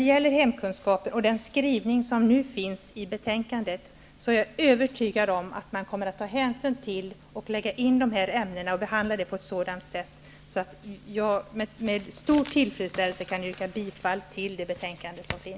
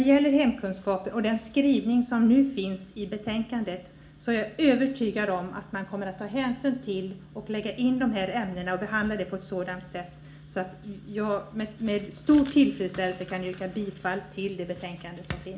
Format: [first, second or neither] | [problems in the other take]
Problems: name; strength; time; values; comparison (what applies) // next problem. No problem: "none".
first | room echo; dies away in 0.4 s